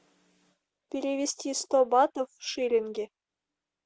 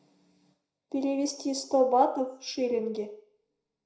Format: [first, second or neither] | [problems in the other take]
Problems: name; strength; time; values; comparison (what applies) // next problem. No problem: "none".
first | room echo; dies away in 0.5 s